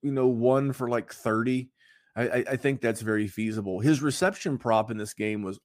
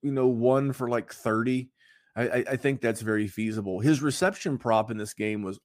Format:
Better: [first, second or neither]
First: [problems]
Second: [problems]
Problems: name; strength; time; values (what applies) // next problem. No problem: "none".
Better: neither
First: none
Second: none